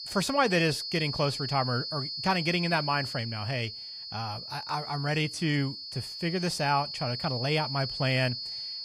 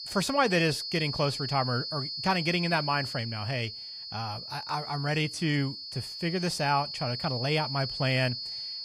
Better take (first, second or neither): neither